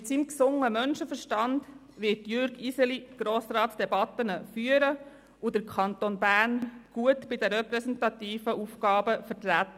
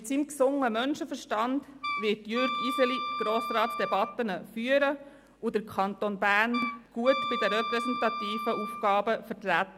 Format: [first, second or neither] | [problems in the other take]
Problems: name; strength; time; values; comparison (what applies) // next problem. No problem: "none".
first | background sound (Wind instrument, woodwind instrument); 5 dB below the speech